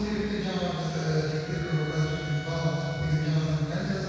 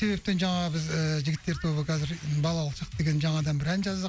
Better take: second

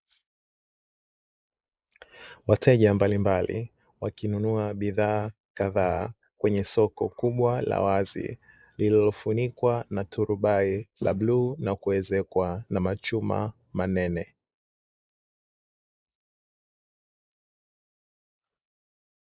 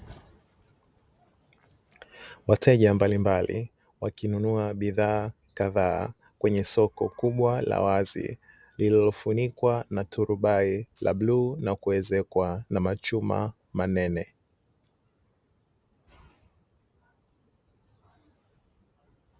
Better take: second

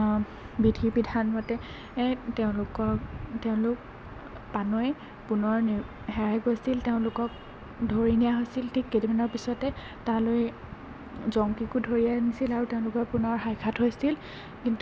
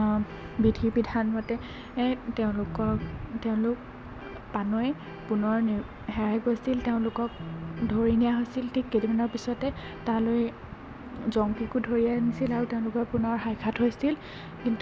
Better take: first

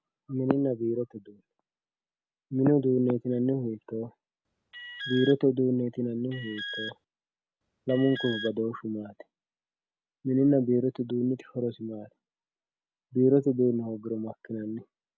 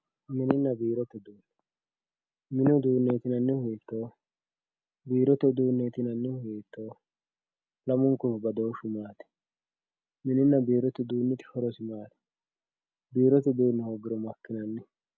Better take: second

